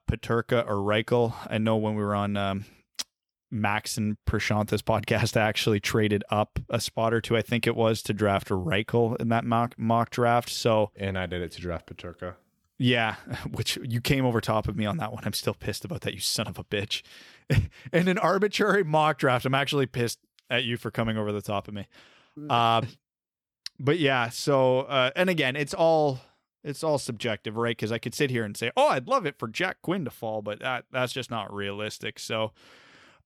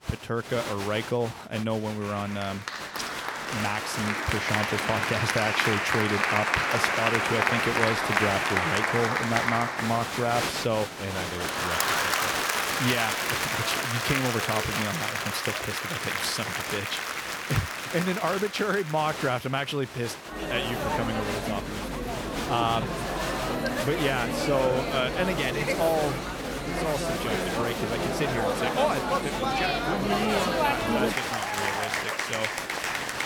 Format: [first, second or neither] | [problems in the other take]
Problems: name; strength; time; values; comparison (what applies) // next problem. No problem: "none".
first | crowd noise; very loud; throughout; 2 dB above the speech